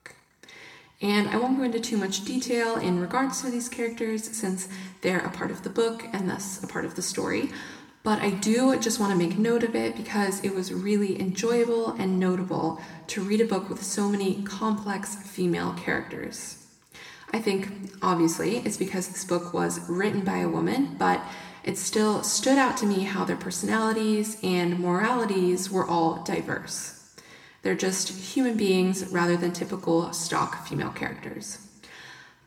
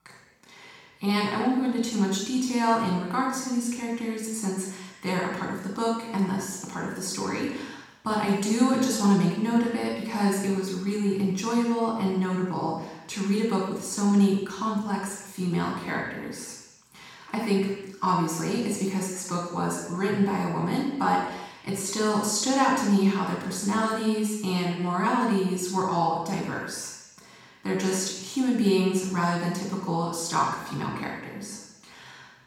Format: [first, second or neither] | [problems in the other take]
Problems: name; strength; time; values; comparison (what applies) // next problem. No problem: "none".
first | room echo; strong; dies away in 0.9 s; slight in the first // off-mic speech; far